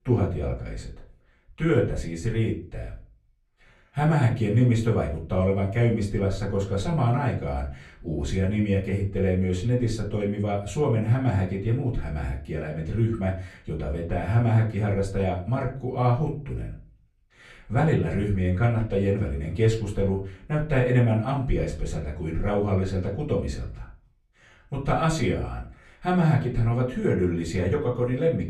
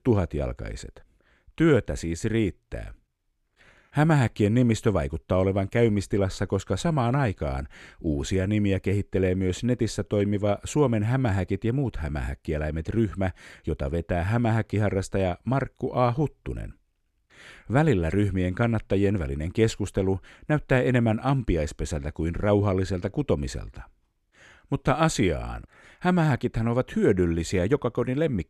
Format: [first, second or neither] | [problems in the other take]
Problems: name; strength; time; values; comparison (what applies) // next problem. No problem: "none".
second | off-mic speech; far // room echo; slight; dies away in 0.4 s